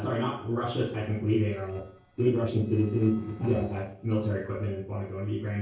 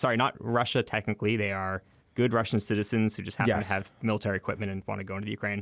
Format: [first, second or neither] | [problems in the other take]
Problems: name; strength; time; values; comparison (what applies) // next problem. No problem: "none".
second | noise reduction (neural separator model SepFormer DNS4)